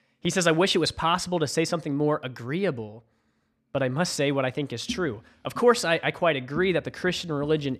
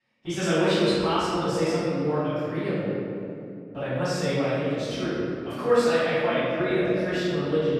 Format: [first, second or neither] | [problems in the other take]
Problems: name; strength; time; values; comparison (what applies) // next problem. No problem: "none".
first | off-mic speech; far // room echo; strong; dies away in 2.9 s